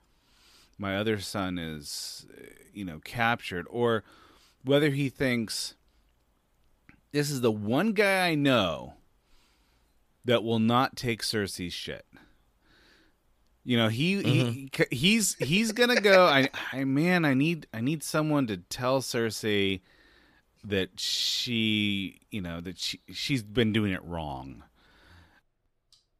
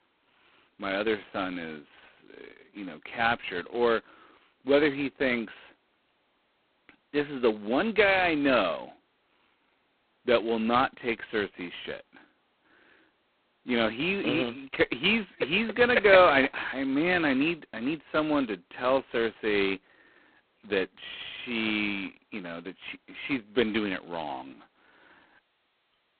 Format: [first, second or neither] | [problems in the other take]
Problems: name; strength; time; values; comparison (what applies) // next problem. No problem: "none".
first | phone-call audio; poor line; nothing above 4 kHz